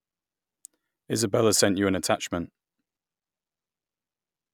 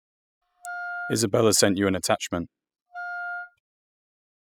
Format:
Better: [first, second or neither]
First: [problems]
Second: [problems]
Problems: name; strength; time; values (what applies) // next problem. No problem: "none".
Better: first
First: none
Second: noise reduction (classical method spectral subtraction)